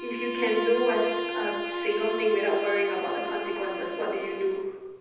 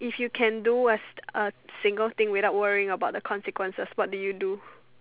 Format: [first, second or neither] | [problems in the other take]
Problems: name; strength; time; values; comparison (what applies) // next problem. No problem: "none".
second | background sound (Bowed string instrument); 5 dB below the speech // room echo; dies away in 1.1 s